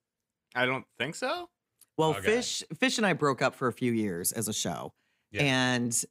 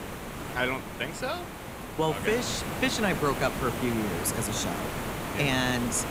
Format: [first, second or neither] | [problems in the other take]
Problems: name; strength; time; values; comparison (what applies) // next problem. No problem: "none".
first | hiss; loud; throughout; 5 dB below the speech